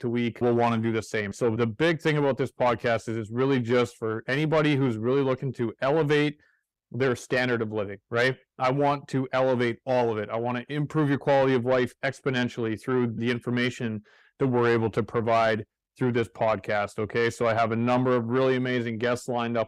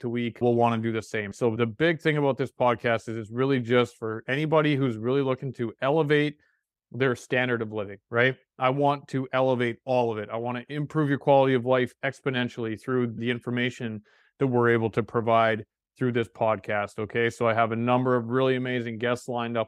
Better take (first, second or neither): second